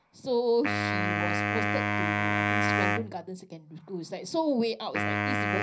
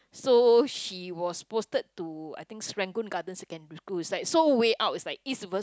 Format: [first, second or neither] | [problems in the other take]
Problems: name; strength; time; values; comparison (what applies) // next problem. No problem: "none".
second | background sound (Wind instrument, woodwind instrument); 3 dB above the speech // room echo; dies away in 0.4 s